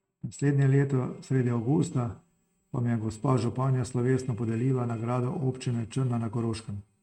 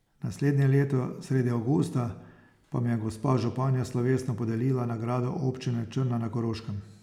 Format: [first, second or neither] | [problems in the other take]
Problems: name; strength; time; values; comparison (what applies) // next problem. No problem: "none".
second | noise reduction (neural mask model RNNoise)